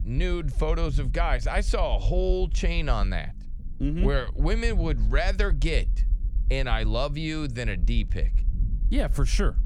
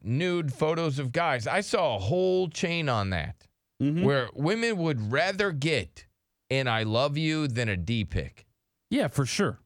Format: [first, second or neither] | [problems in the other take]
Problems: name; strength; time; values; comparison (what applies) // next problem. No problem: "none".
second | low rumble; faint; throughout; 20 dB below the speech